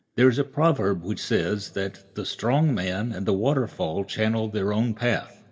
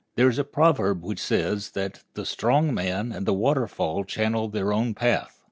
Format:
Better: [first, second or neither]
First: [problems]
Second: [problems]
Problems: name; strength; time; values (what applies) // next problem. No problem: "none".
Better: second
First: room echo; dies away in 0.3 s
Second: none